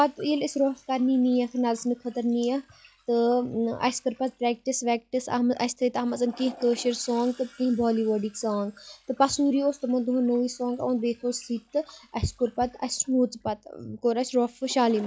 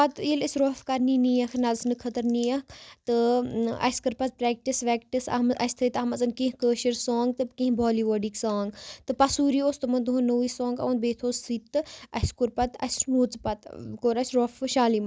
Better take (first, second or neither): second